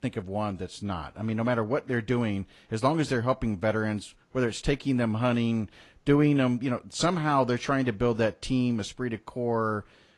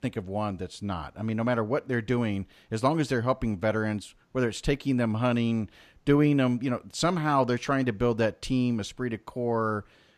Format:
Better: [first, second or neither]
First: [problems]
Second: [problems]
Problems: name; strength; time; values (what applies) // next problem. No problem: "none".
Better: second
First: garbled, watery; slightly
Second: none